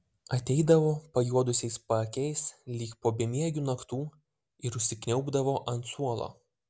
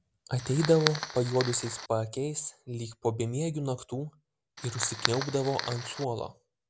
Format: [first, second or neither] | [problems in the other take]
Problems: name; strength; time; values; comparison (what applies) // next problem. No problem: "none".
first | background sound (Fire); 6 dB below the speech